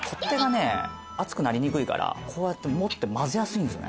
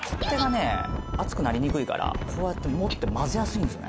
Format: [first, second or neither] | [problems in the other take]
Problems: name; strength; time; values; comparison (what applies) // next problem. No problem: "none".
first | background sound (Wind); 3 dB below the speech